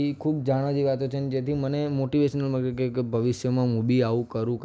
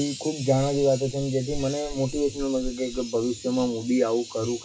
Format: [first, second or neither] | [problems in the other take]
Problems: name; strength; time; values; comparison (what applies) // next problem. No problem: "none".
first | noise reduction (classical method WPE with log-MMSE)